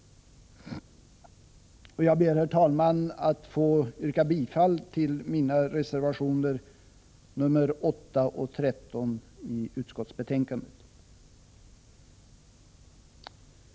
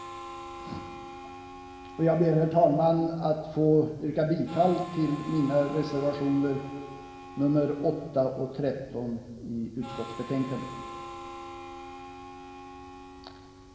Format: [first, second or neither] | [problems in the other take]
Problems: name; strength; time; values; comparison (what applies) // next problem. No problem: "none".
first | background sound (Harmonica); 15 dB below the speech // room echo; dies away in 1.9 s